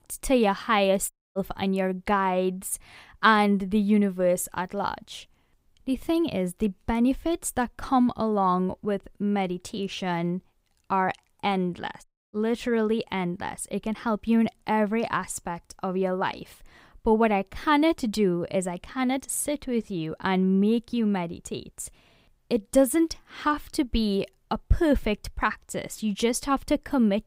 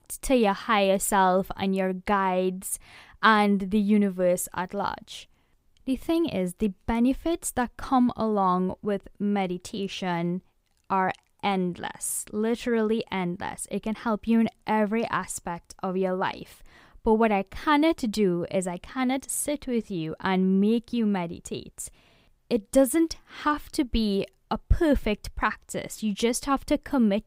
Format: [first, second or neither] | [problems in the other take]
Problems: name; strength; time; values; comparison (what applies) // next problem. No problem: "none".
second | audio cutting out; at 1 s and at 12 s